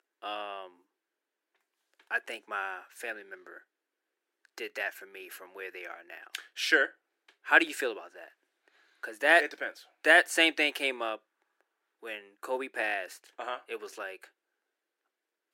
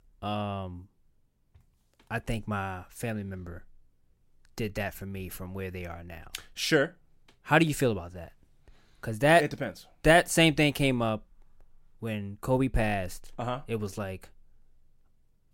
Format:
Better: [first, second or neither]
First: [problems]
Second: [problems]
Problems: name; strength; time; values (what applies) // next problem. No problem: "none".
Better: second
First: thin; very; fading below 350 Hz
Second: none